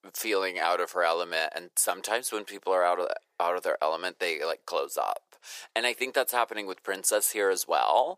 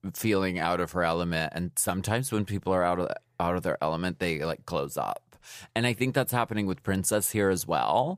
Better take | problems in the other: second | thin; very; fading below 400 Hz

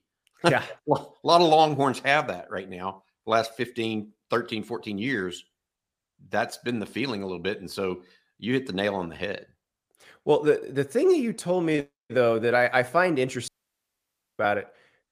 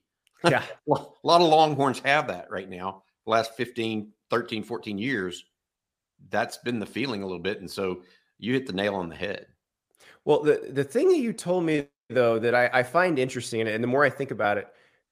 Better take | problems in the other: second | audio cutting out; at 13 s for 1 s

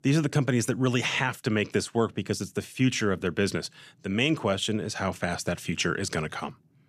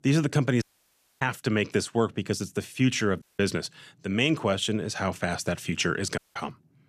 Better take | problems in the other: first | audio cutting out; at 0.5 s for 0.5 s, at 3 s and at 6 s

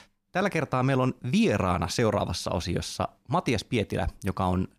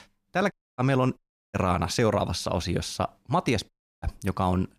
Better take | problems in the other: first | audio cutting out; at 0.5 s, at 1 s and at 3.5 s

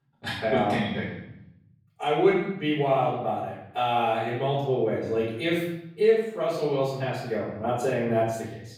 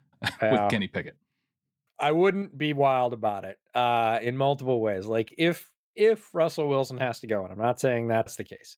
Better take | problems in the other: second | off-mic speech; far // room echo; noticeable; dies away in 0.8 s

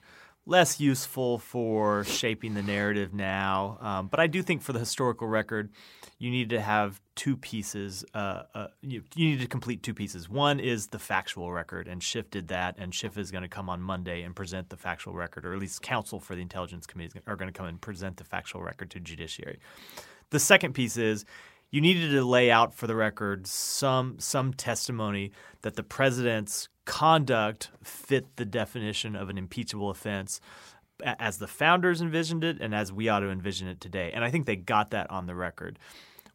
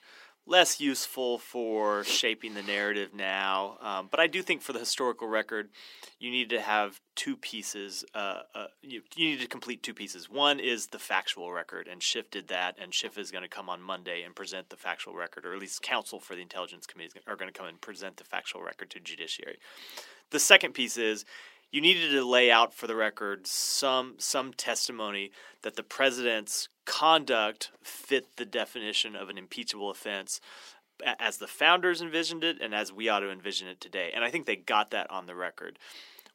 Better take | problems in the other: first | thin; somewhat; fading below 300 Hz

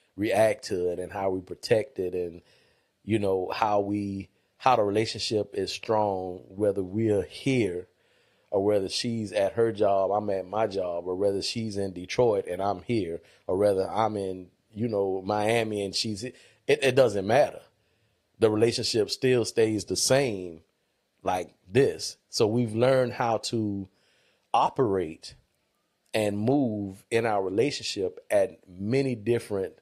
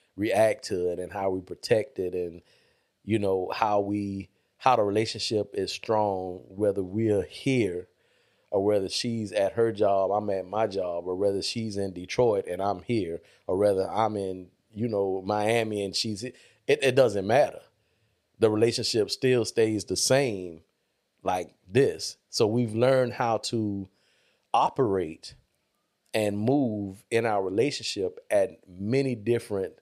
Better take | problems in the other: second | garbled, watery; slightly

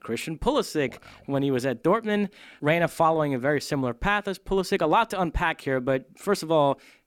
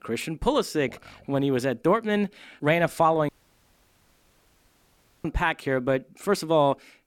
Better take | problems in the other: first | audio cutting out; at 3.5 s for 2 s

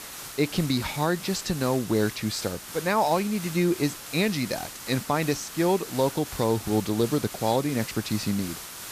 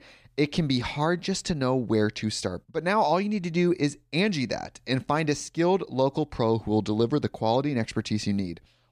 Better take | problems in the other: second | hiss; noticeable; throughout; 10 dB below the speech

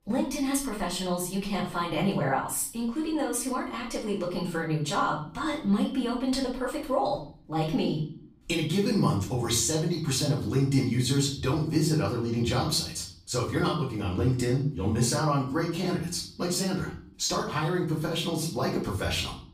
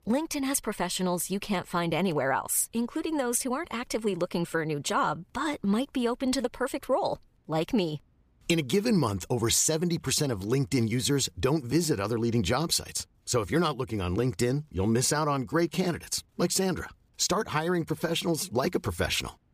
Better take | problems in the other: second | room echo; slight; dies away in 0.5 s // off-mic speech; far

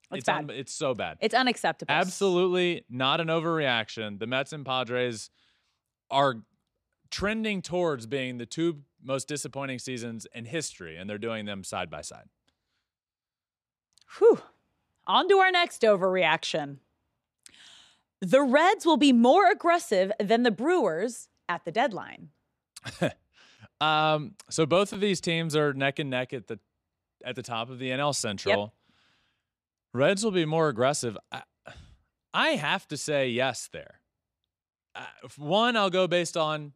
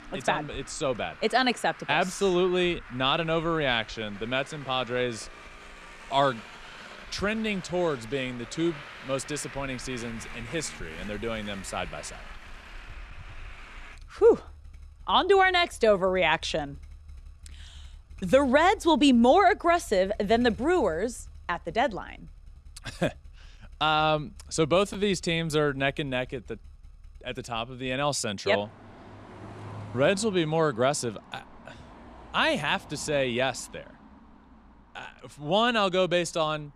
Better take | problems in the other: first | traffic noise; faint; throughout; 20 dB below the speech

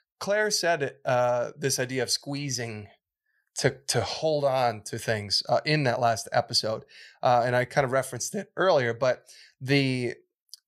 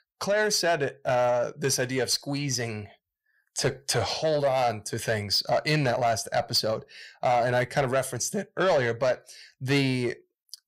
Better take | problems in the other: first | distortion; slight; 10 dB below the speech

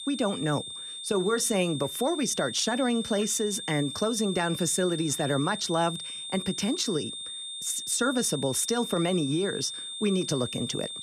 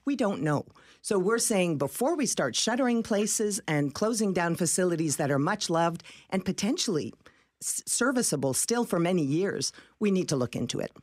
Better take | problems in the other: second | high-pitched whine; loud; throughout; 3.5 kHz, 7 dB below the speech

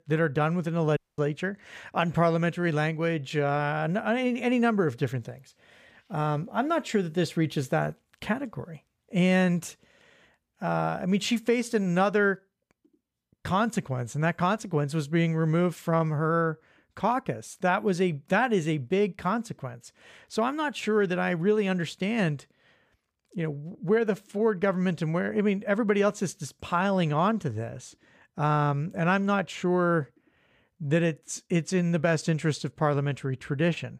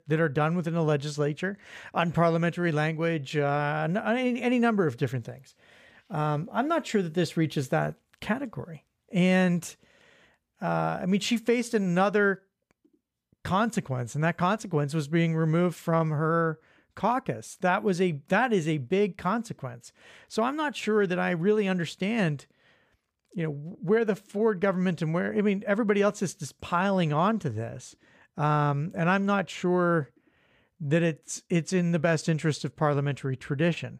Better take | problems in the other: second | audio cutting out; at 1 s

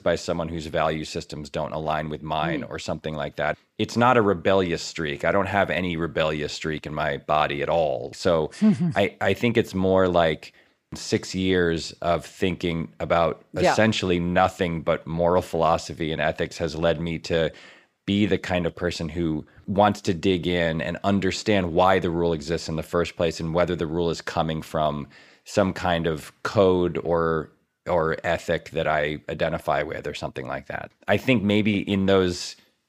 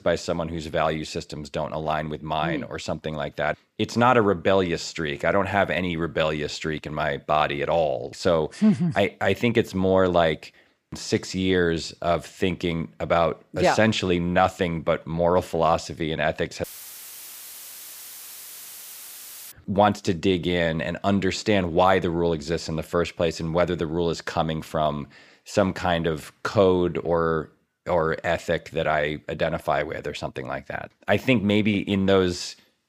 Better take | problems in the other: first | audio cutting out; filled with static; at 17 s for 3 s

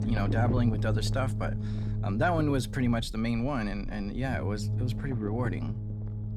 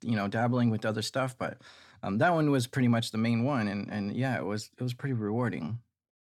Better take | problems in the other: second | low rumble; loud; throughout; 10 dB below the speech

